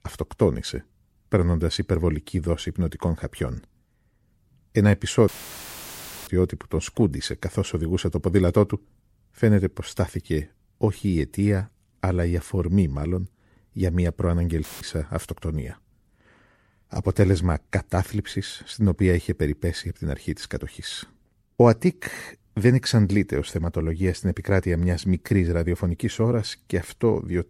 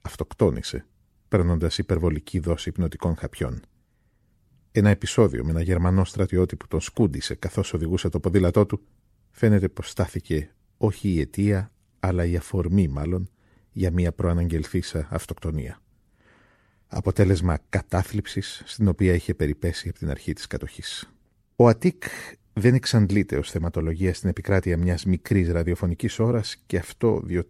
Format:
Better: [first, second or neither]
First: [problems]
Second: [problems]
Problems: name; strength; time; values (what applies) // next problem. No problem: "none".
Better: second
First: audio cutting out; filled with static; at 5.5 s for 1 s and at 15 s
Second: none